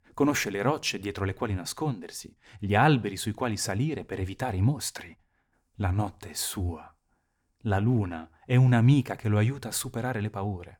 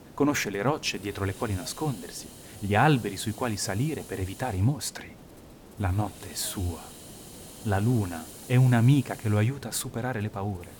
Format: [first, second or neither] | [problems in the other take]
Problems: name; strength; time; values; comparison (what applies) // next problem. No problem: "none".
first | hiss; noticeable; throughout; 15 dB below the speech